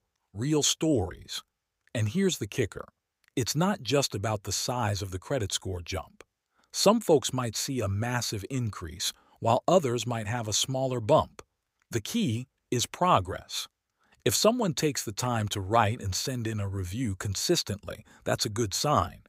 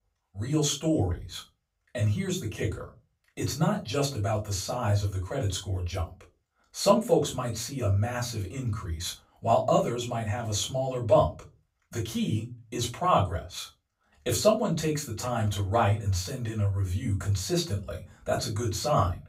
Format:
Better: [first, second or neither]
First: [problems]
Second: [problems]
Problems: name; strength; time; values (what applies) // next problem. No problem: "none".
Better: first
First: none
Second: off-mic speech; far // room echo; very slight; dies away in 0.3 s